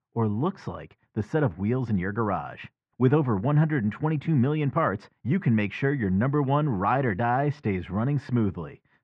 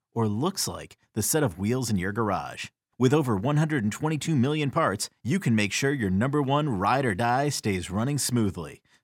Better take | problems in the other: second | muffled; very; fading above 2 kHz

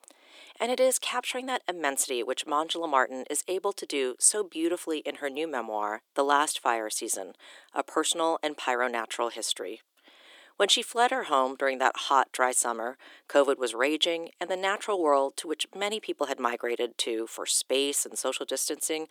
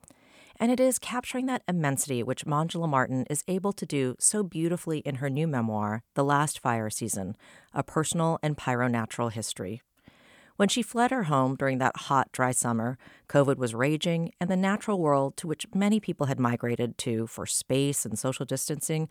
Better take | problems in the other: second | thin; very; fading below 300 Hz

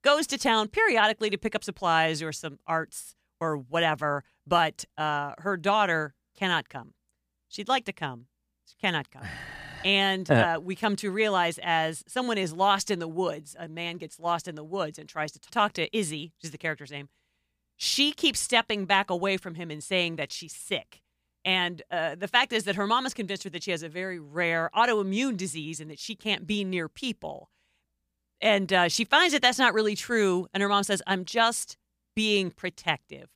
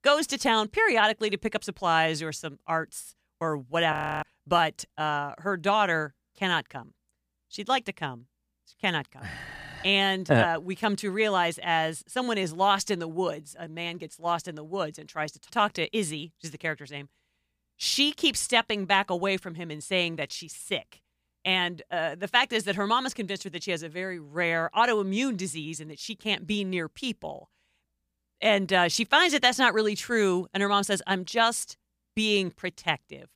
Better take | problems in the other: first | audio freezing; at 4 s

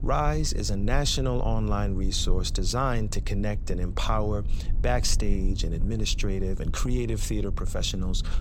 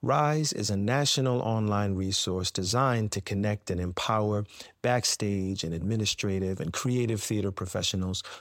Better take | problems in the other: second | low rumble; noticeable; throughout; 20 dB below the speech

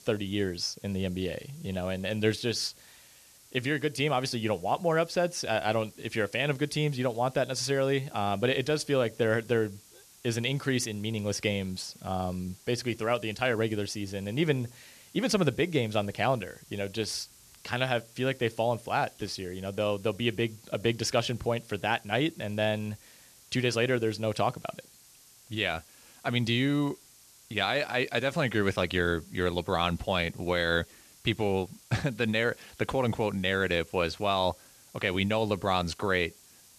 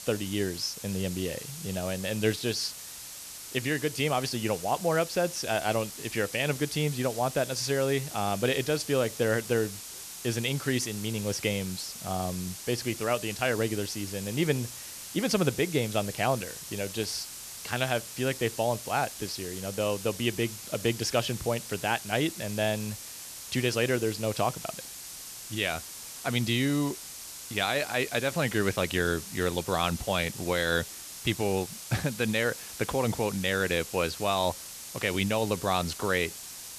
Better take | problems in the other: first | hiss; loud; throughout; 10 dB below the speech; faint in the first

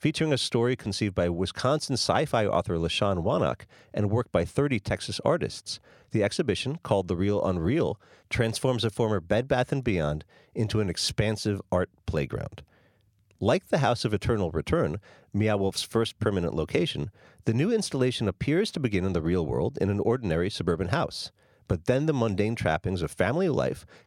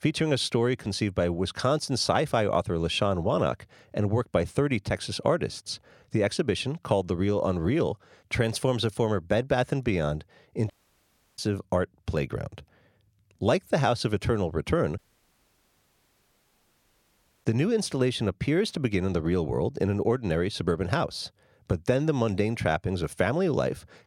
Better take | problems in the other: first | audio cutting out; at 11 s for 0.5 s and at 15 s for 2.5 s

